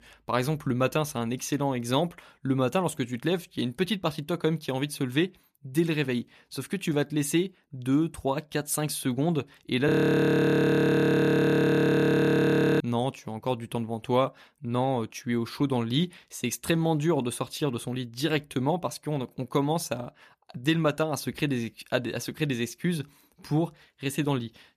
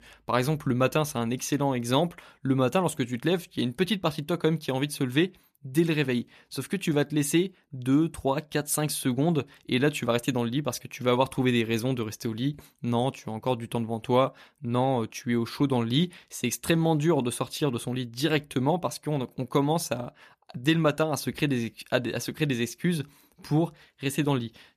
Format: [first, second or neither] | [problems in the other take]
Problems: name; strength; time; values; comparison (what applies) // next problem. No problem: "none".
second | audio freezing; at 10 s for 3 s